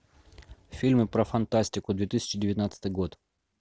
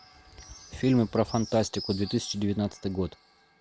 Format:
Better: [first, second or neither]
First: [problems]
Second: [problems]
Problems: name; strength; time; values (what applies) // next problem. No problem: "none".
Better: first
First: none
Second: background sound (Bird); 18 dB below the speech